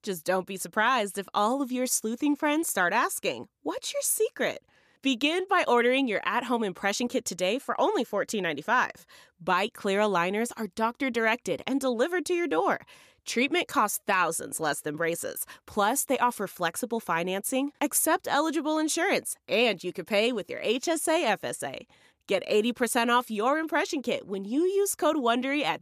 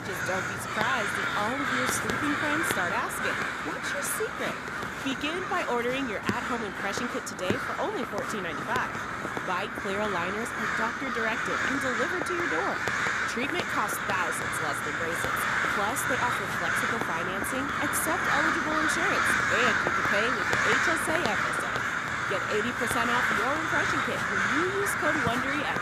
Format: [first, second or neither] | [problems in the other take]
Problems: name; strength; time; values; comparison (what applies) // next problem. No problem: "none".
first | animal sounds; very loud; throughout; 5 dB above the speech